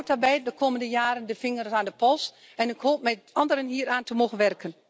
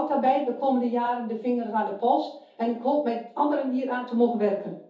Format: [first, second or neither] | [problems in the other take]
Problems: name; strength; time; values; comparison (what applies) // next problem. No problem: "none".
first | room echo; dies away in 0.5 s